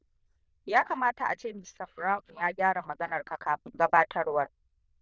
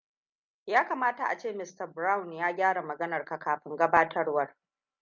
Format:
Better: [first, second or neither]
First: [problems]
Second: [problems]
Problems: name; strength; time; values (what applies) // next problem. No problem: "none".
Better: second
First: noise reduction (neural diffusion model UNIVERSE++)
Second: none